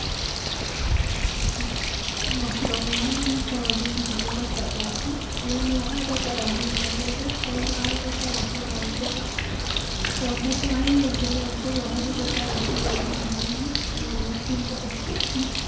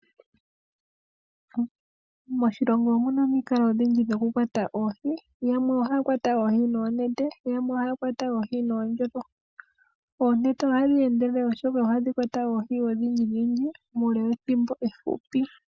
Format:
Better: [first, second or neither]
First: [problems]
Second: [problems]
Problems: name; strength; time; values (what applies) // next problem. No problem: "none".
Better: second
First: background sound (Bird); 4 dB above the speech // room echo; dies away in 0.5 s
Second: none